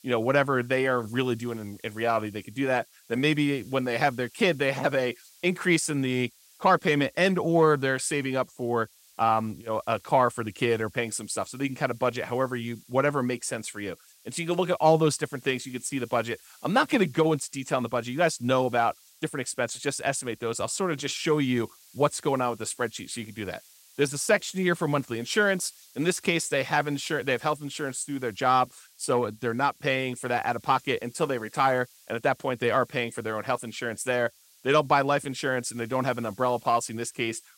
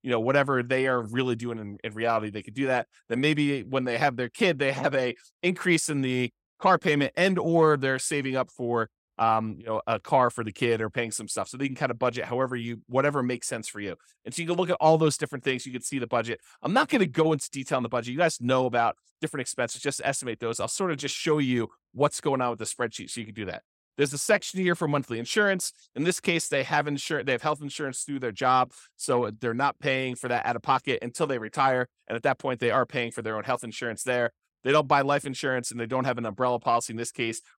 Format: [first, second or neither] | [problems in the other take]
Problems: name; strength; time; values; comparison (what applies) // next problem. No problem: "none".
second | hiss; faint; throughout; 25 dB below the speech